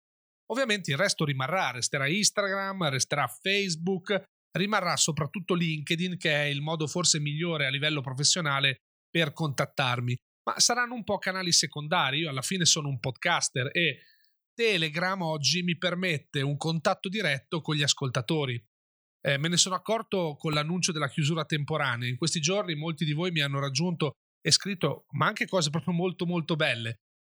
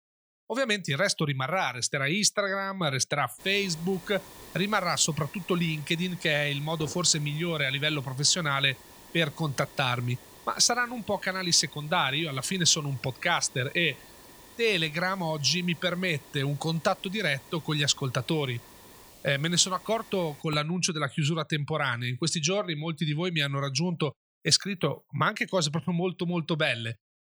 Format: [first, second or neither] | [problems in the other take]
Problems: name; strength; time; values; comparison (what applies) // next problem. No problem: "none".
first | hiss; faint; from 3.5 to 20 s; 20 dB below the speech